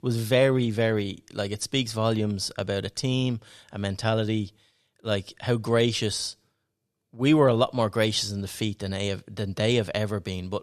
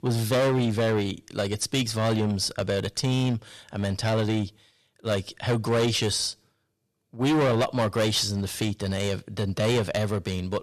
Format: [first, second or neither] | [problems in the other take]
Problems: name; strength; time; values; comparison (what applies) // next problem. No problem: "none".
first | distortion; heavy; 12% of the sound clipped